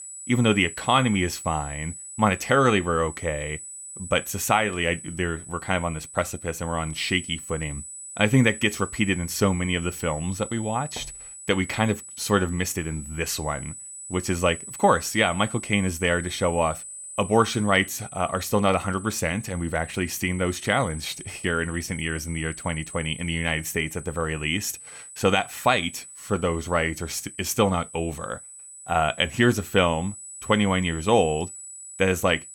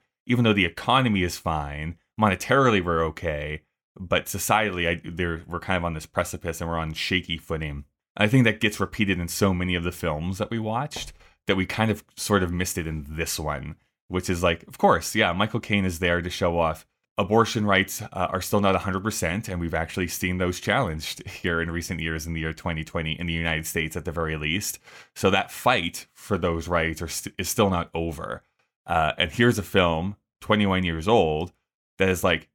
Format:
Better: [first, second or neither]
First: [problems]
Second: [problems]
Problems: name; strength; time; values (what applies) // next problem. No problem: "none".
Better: second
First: high-pitched whine; noticeable; throughout; 8 kHz, 15 dB below the speech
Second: none